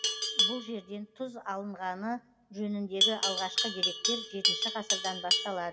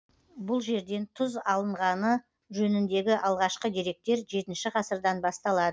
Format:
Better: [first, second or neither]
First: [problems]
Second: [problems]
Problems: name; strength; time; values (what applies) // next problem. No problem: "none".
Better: second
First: background sound (Livestock, farm animals, working animals); 4 dB above the speech // room echo; dies away in 1.1 s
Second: none